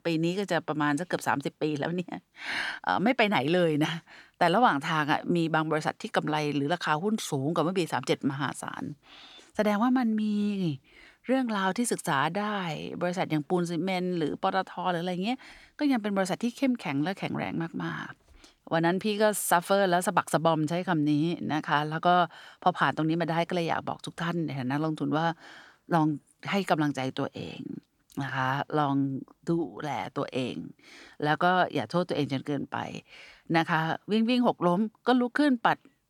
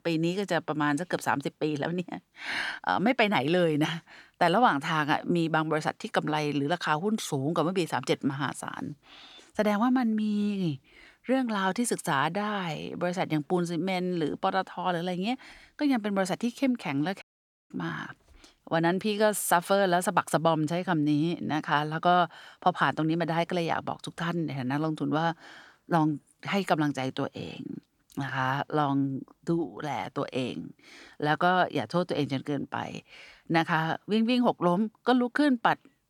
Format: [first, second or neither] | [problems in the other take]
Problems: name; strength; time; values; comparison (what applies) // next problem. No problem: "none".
first | audio cutting out; at 17 s